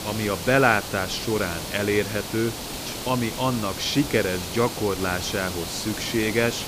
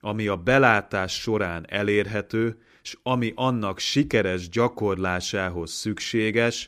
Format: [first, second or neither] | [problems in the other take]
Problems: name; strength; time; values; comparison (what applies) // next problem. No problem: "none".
second | hiss; loud; throughout; 7 dB below the speech